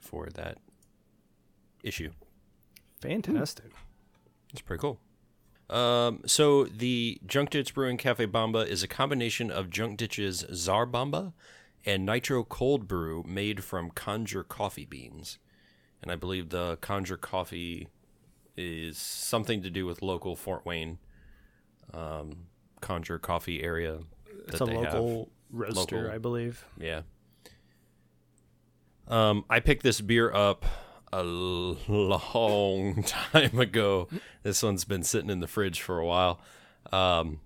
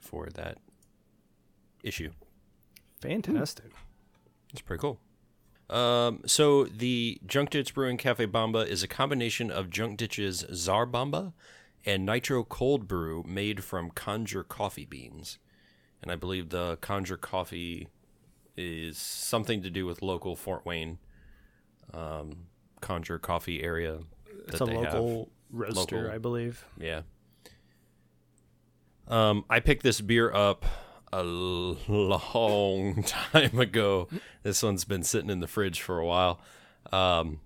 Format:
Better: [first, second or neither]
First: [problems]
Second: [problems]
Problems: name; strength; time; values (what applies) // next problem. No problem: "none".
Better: neither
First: none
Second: none